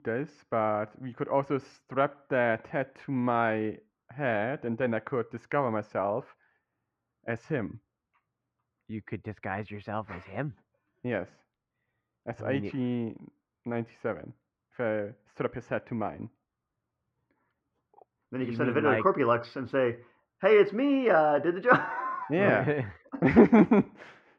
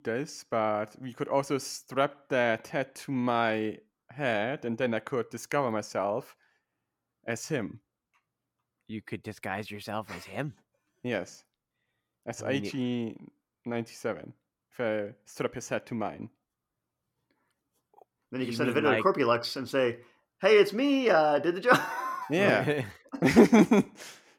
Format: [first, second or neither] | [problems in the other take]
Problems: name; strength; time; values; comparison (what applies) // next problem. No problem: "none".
second | muffled; very; fading above 1.5 kHz